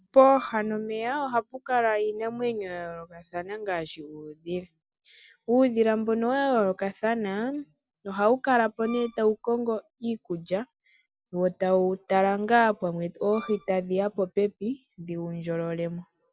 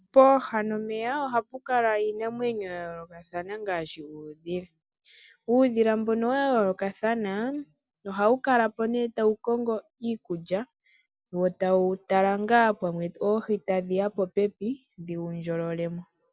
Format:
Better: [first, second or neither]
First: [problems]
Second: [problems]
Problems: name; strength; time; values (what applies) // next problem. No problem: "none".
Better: second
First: background sound (Wind instrument, woodwind instrument); 19 dB below the speech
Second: none